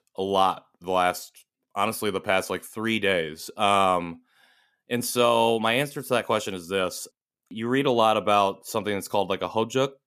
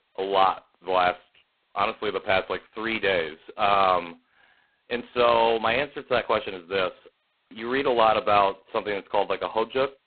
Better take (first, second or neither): first